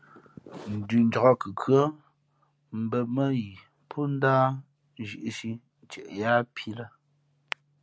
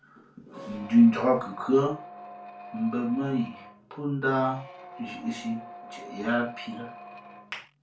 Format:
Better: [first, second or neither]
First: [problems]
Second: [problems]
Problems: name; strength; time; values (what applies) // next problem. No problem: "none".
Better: first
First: none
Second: background sound (Squeak); 16 dB below the speech // room echo; dies away in 0.3 s